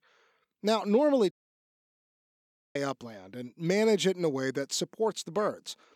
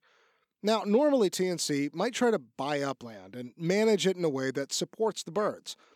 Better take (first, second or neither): second